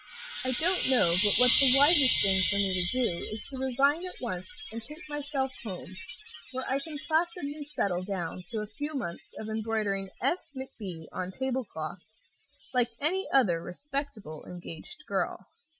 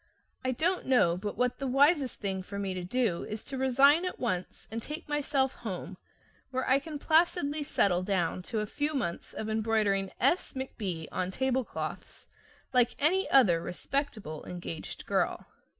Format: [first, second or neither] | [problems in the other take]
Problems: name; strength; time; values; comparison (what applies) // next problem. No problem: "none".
second | noise reduction (classical method Wiener filter)